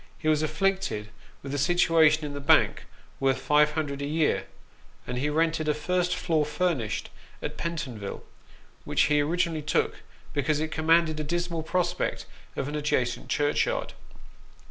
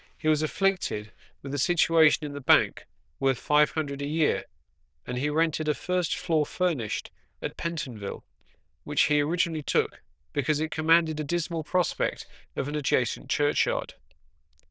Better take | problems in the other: first | noise reduction (neural diffusion model UNIVERSE++)

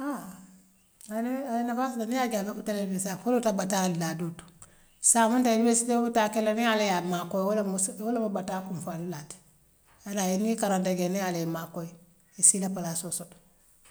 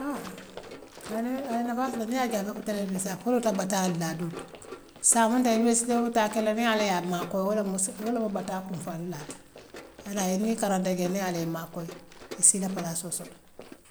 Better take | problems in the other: first | background sound (Run); 16 dB below the speech

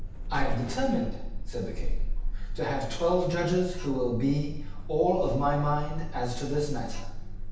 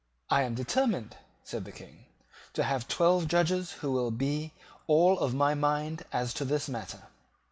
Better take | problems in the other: second | background sound (Alarm); 1 dB below the speech // room echo; dies away in 0.9 s

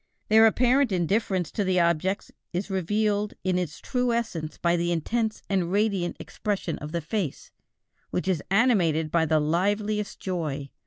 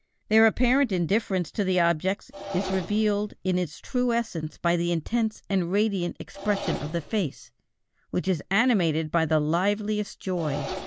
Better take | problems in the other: first | background sound (Engine); 15 dB below the speech

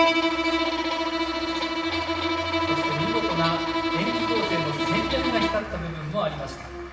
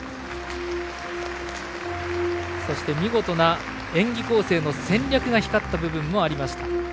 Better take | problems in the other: second | background sound (Bowed string instrument); 4 dB above the speech // room echo; dies away in 1 s

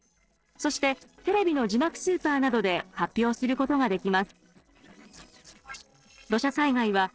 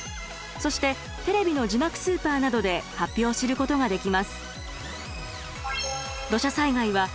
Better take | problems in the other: second | noise reduction (neural separator model SepFormer DNS4)

